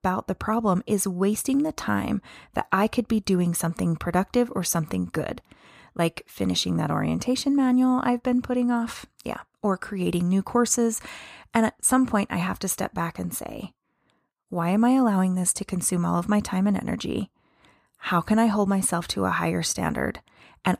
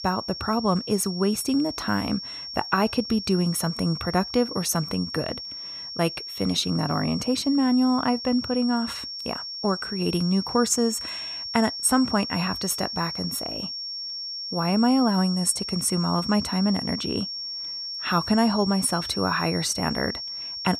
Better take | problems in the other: first | high-pitched whine; loud; throughout; 5.5 kHz, 6 dB below the speech

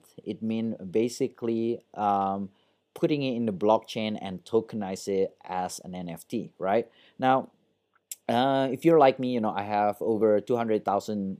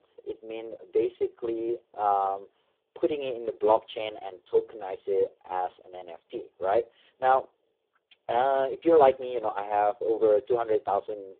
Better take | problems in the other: first | phone-call audio; poor line

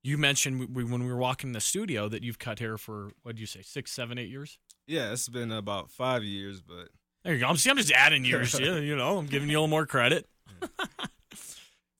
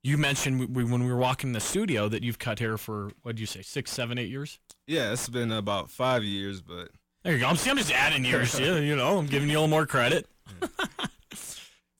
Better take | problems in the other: first | distortion; heavy; 6 dB below the speech

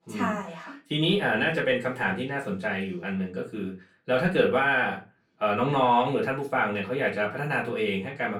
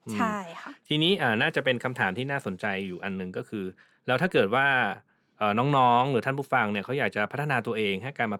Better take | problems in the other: second | off-mic speech; far // room echo; very slight; dies away in 0.2 s

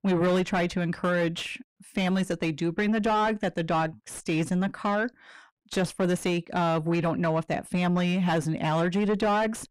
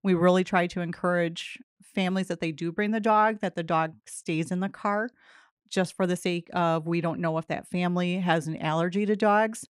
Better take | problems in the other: second | distortion; heavy; 7 dB below the speech

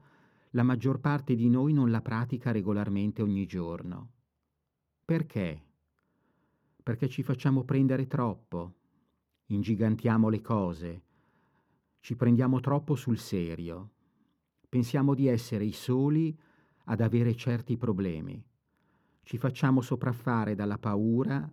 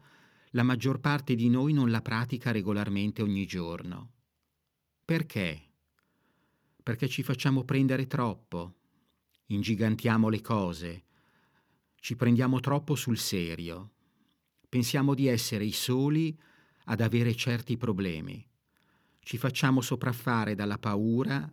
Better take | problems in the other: second | muffled; slightly; fading above 1.5 kHz

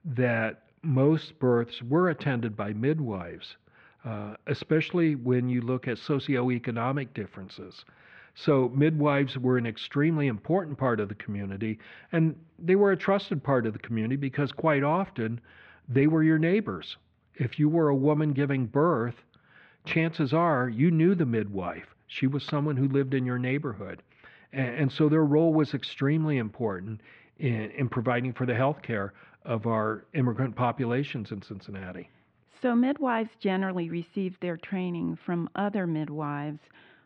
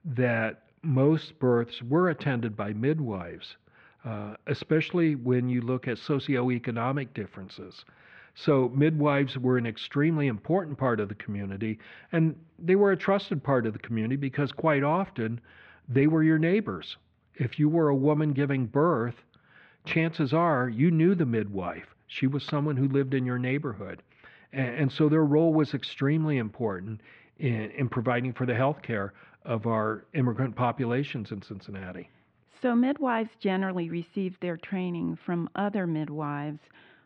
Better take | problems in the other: neither | muffled; very; fading above 2.5 kHz; the same in both

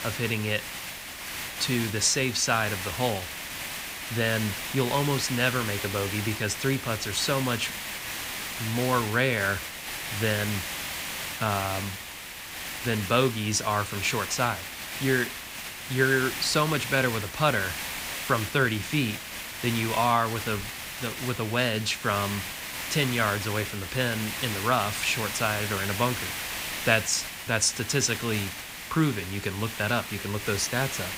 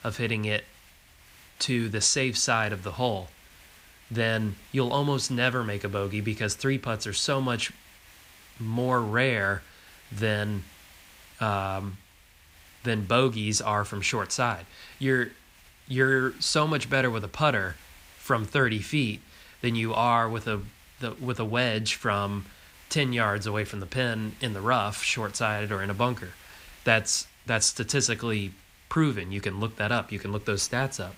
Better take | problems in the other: second | hiss; loud; throughout; 6 dB below the speech; faint in the second

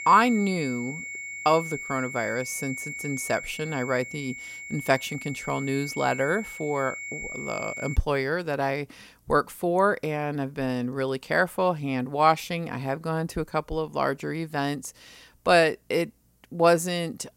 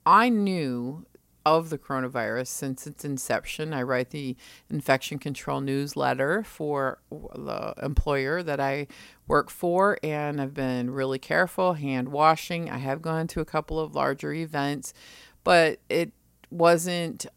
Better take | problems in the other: second | high-pitched whine; loud; until 8 s; 2 kHz, 9 dB below the speech

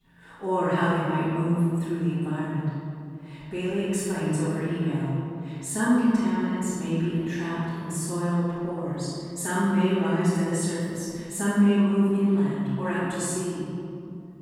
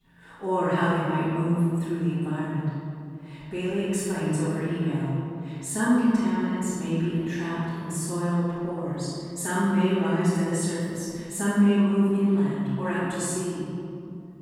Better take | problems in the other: neither | off-mic speech; far; the same in both // room echo; strong; dies away in 2.5 s; the same in both

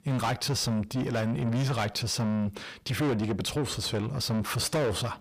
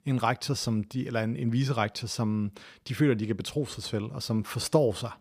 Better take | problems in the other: second | distortion; heavy; 5 dB below the speech

